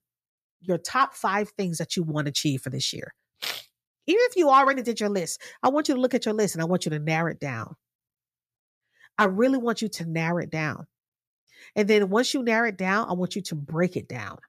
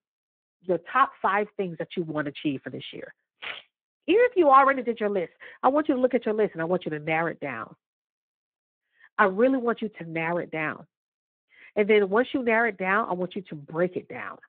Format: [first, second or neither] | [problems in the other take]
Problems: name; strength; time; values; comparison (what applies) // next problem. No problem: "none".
first | phone-call audio